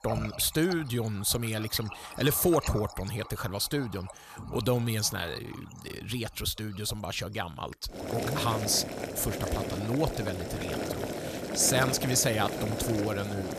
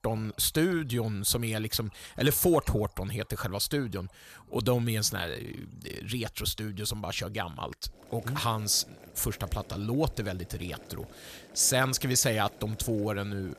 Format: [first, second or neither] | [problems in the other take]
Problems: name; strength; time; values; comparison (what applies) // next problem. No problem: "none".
second | household noises; loud; throughout; 7 dB below the speech; faint in the second